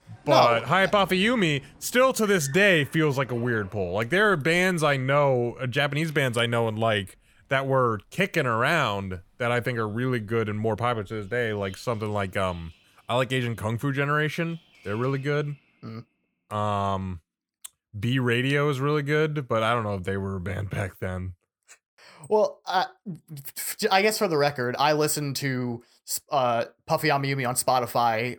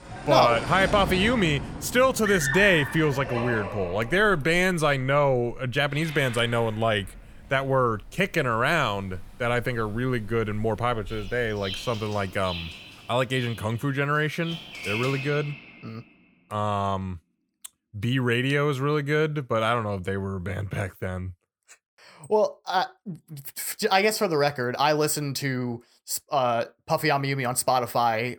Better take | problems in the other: first | animal sounds; loud; until 15 s; 9 dB below the speech; faint in the first

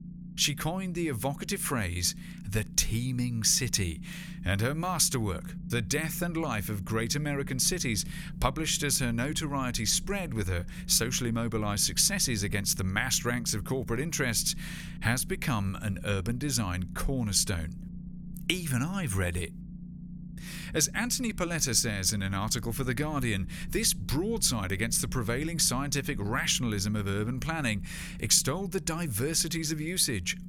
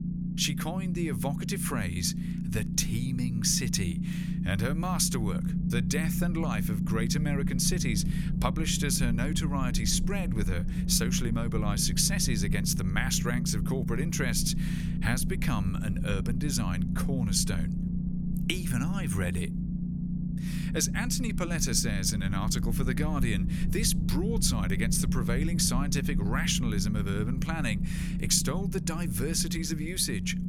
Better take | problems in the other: first | low rumble; loud; throughout; 8 dB below the speech; faint in the first

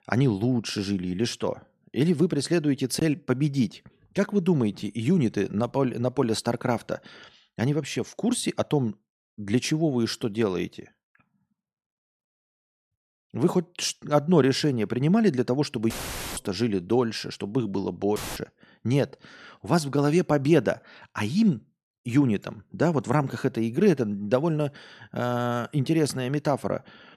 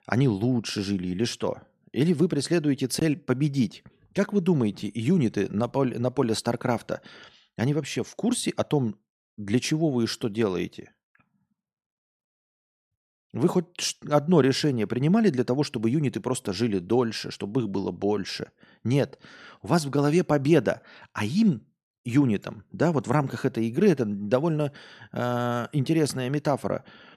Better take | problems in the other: second | audio cutting out; filled with static; at 16 s and at 18 s

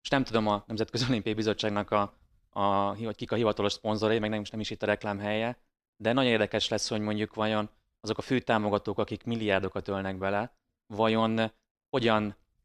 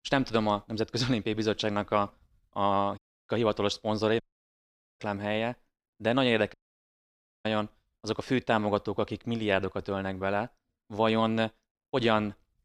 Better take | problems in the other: first | audio cutting out; at 3 s, at 4 s for 1 s and at 6.5 s for 1 s

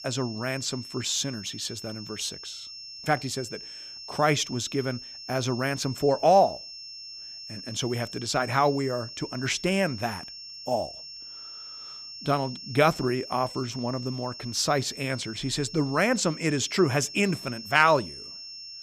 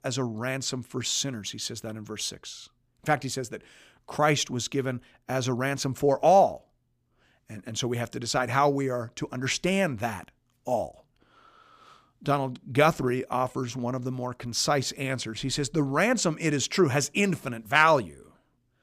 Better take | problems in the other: second | high-pitched whine; noticeable; throughout; 5.5 kHz, 10 dB below the speech

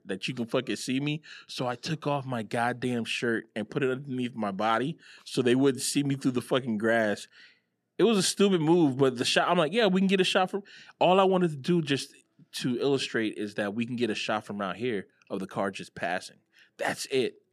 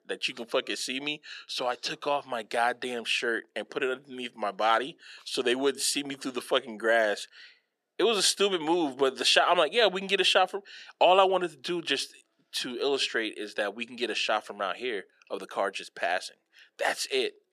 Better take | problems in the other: first | thin; somewhat; fading below 550 Hz

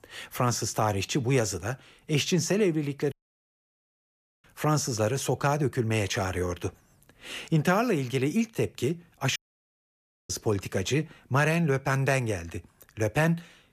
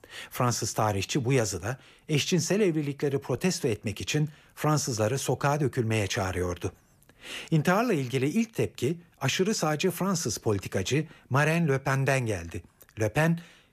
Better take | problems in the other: second | audio cutting out; at 3 s for 1.5 s and at 9.5 s for 1 s

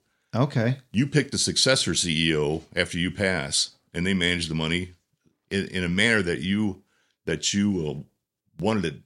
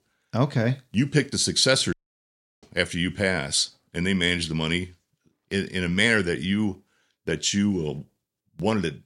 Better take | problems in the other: first | audio cutting out; at 2 s for 0.5 s

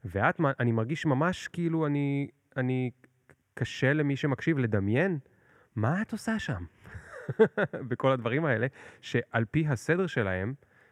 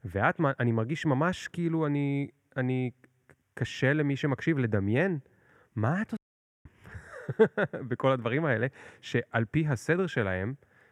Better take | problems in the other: first | audio cutting out; at 6 s

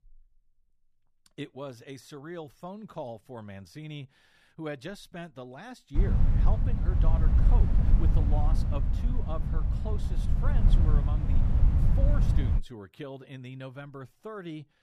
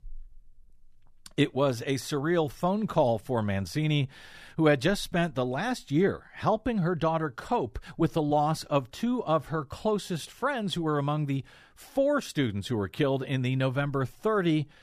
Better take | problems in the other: second | wind noise on the microphone; heavy; from 6 to 13 s; as loud as the speech

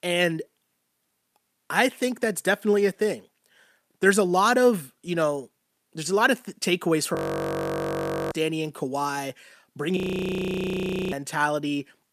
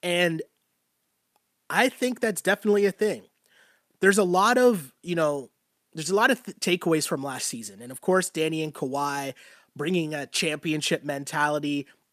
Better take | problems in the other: second | audio freezing; at 7 s for 1 s and at 10 s for 1 s

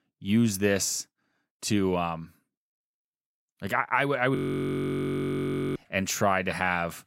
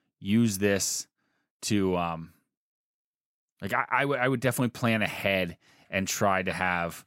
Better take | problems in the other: second | audio freezing; at 4.5 s for 1.5 s

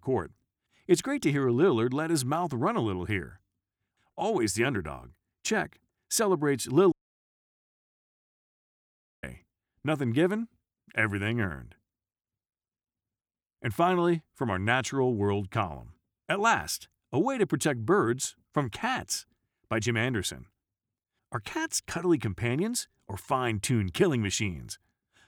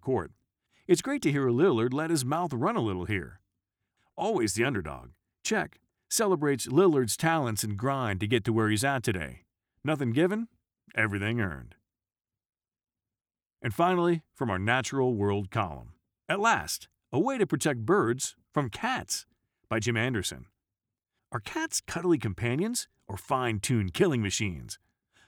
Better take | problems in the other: second | audio cutting out; at 7 s for 2.5 s

